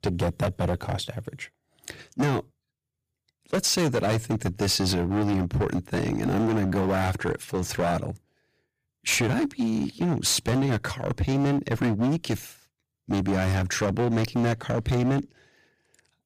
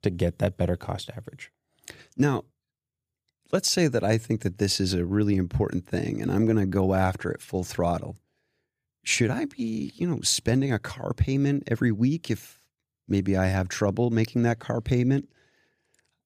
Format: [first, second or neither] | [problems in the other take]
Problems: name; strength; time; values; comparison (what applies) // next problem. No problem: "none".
second | distortion; heavy; 16% of the sound clipped